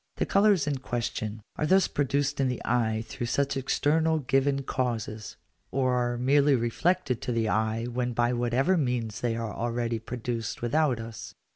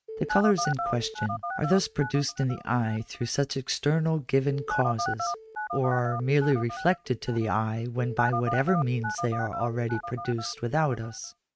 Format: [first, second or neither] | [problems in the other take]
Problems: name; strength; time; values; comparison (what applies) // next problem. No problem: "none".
first | noise reduction (neural mask model RNNoise)